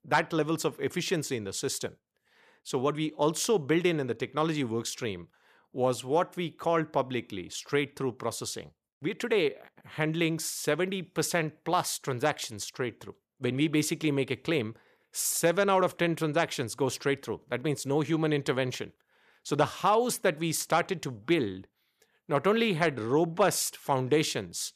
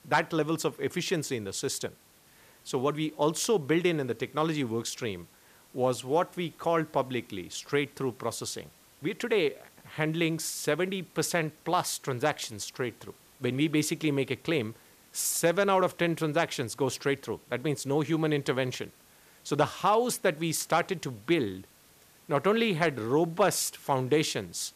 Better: first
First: none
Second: hiss; faint; throughout; 25 dB below the speech

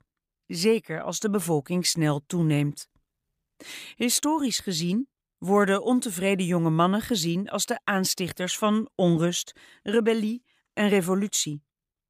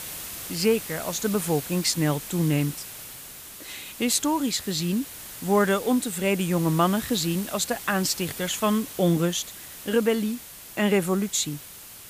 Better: first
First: none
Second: hiss; noticeable; throughout; 10 dB below the speech

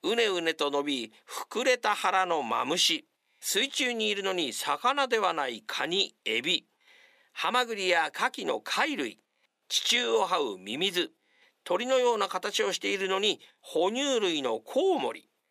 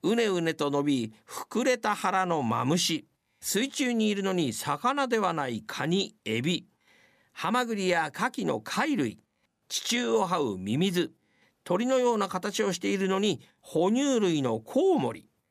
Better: second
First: thin; somewhat; fading below 450 Hz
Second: none

